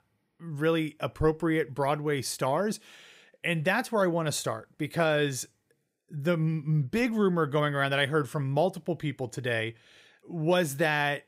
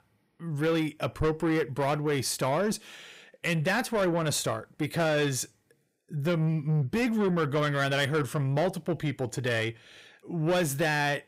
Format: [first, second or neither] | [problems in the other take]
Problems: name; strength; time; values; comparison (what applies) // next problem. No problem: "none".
first | distortion; slight; 10 dB below the speech